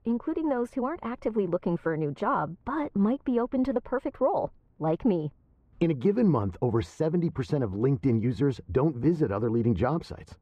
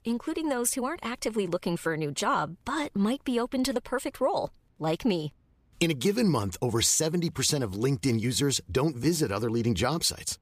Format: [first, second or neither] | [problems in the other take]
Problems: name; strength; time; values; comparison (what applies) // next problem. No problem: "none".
second | muffled; very; fading above 3 kHz